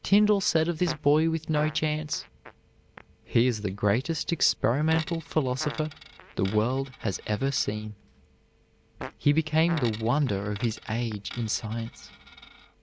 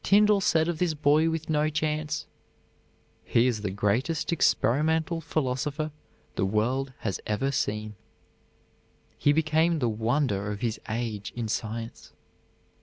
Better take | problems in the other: second | background sound (Fart + Coin (dropping)); 17 dB below the speech

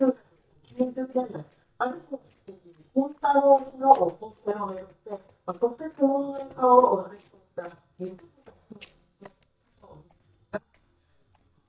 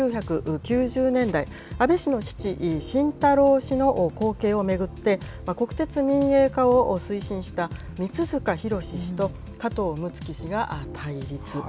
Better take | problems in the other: second | noise reduction (neural mask model DeepFilterNet 3)

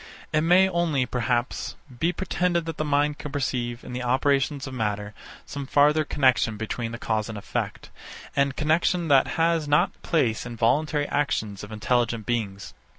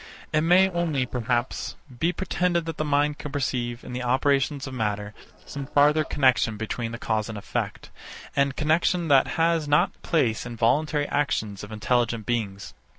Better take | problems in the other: first | noise reduction (neural separator model SepFormer DNS4)

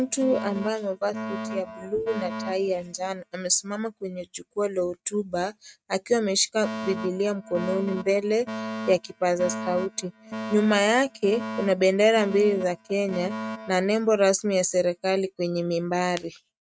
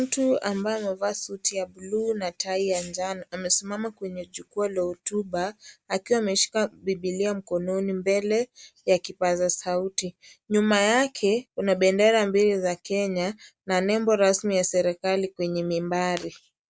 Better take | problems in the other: second | noise reduction (neural mask model RNNoise)

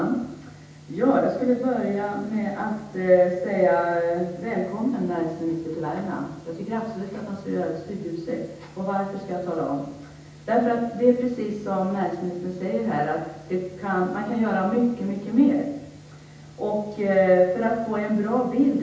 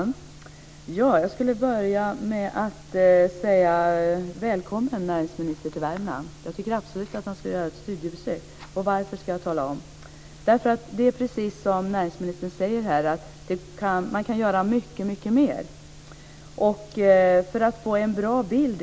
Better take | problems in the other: second | room echo; dies away in 0.9 s

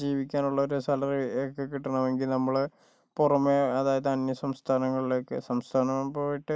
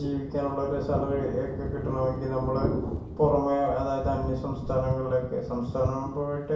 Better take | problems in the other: first | background sound (Thunder); 5 dB below the speech // room echo; dies away in 0.6 s

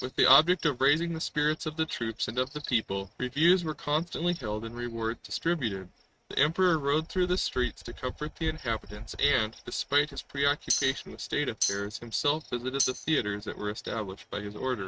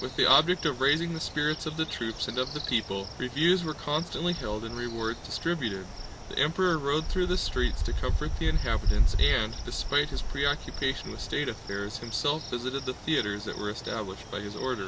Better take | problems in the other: second | noise reduction (neural mask model RNNoise)

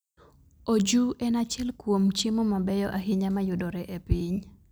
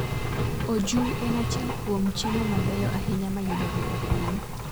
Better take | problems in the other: first | background sound (Engine); 1 dB above the speech

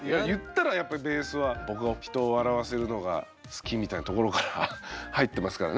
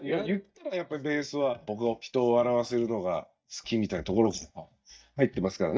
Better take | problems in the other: first | noise reduction (neural mask model DeepFilterNet 3)

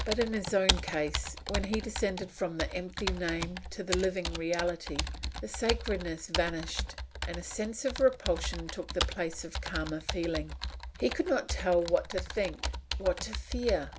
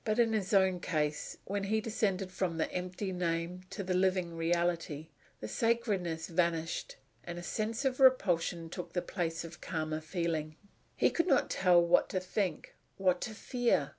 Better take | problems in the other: second | background sound (Computer keyboard); 4 dB below the speech

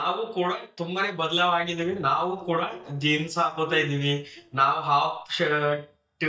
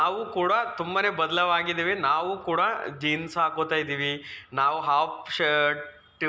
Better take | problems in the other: second | noise reduction (neural mask model DeepFilterNet 3)

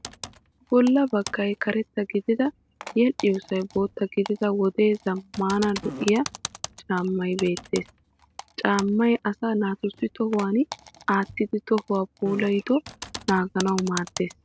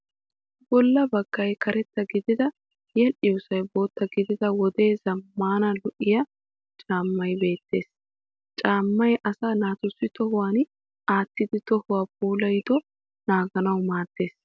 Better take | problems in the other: second | background sound (Fart + Typing); 16 dB below the speech

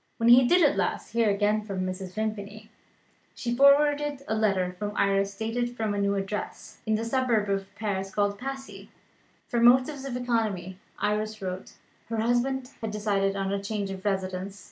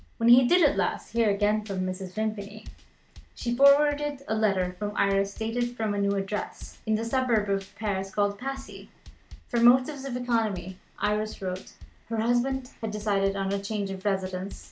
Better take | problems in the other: first | background sound (Drum / Drum kit); 20 dB below the speech

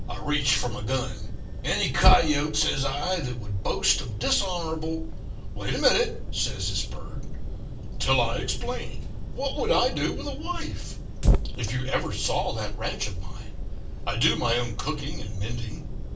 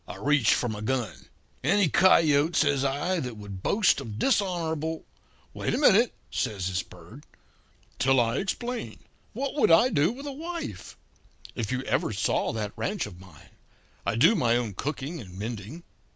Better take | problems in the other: second | background sound (Fire); 2 dB below the speech // room echo; dies away in 0.3 s

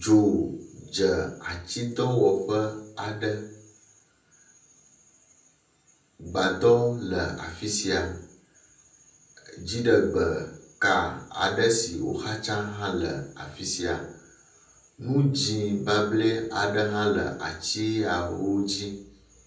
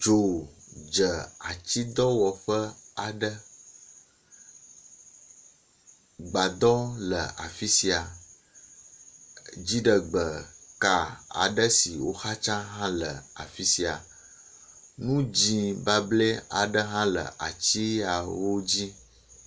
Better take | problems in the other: second | room echo; dies away in 0.6 s

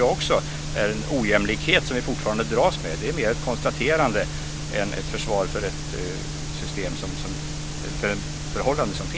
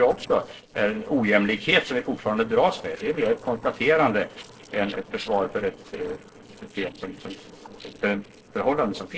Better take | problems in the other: first | noise reduction (neural separator model SepFormer DNS4)

